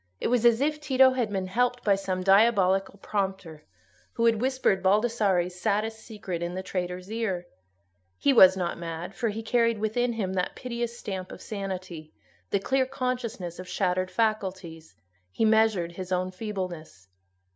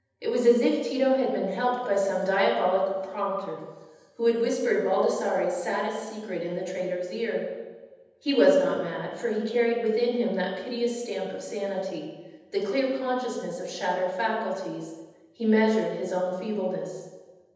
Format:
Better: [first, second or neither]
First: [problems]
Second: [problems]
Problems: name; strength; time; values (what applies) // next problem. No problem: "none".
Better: first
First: none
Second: room echo; dies away in 1.1 s